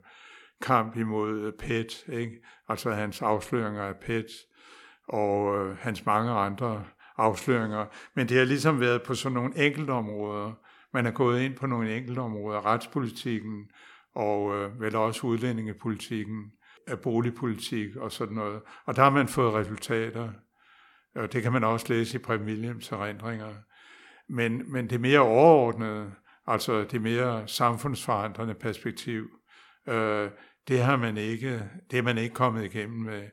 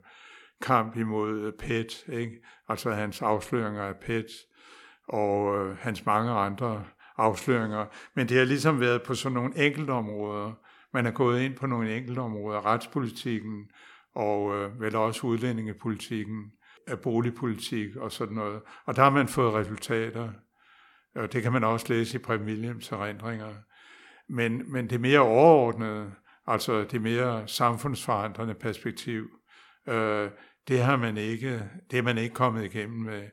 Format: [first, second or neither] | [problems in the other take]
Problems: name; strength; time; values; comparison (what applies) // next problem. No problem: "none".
neither | none